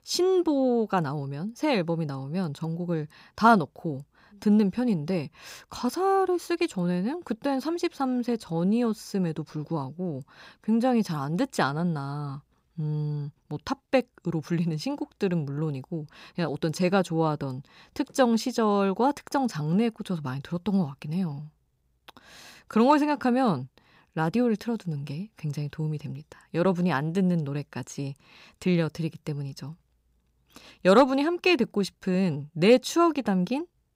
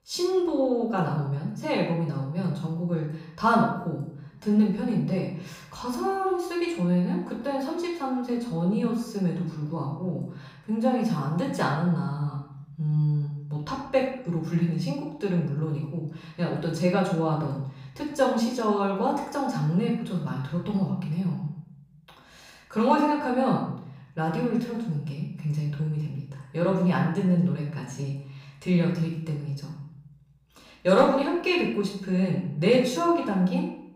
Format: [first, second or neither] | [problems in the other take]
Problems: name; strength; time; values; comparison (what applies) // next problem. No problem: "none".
first | off-mic speech; far // room echo; noticeable; dies away in 0.7 s